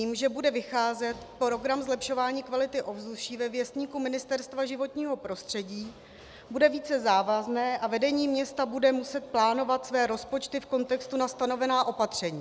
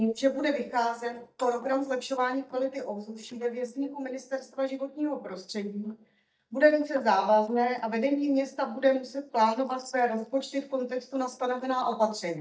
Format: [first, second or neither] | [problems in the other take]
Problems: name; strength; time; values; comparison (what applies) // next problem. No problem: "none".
first | noise reduction (neural mask model DeepFilterNet 3)